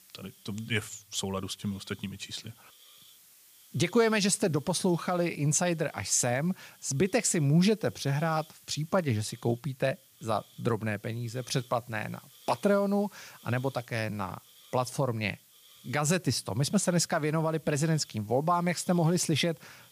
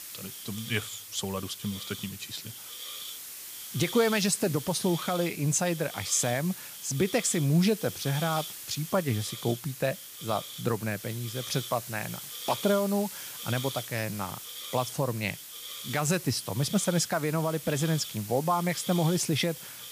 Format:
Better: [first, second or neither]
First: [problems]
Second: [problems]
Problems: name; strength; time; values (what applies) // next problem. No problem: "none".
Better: first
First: hiss; faint; throughout; 25 dB below the speech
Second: hiss; loud; throughout; 9 dB below the speech